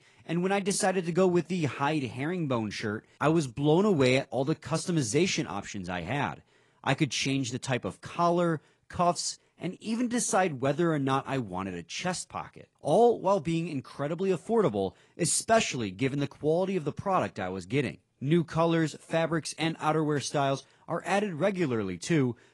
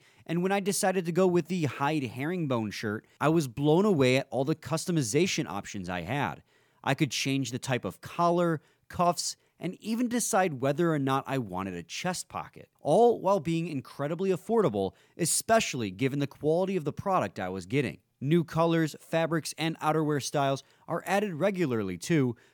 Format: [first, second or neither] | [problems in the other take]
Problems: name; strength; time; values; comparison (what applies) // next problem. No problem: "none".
second | garbled, watery; slightly; nothing above 10.5 kHz